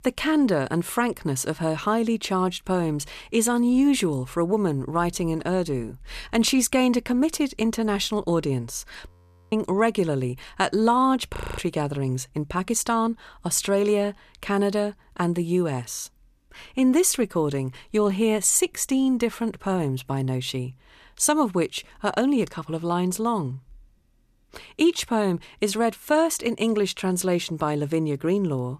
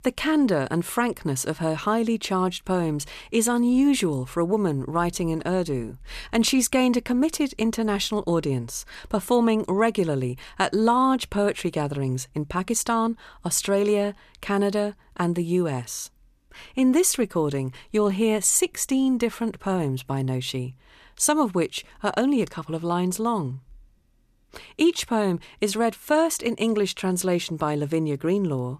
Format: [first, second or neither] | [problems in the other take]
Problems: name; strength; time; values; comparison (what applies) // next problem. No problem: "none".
second | audio freezing; at 9 s and at 11 s